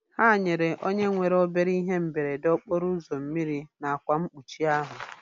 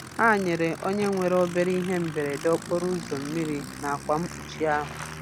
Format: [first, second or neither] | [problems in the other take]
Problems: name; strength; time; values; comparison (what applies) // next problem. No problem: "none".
first | background sound (Aircraft); 12 dB below the speech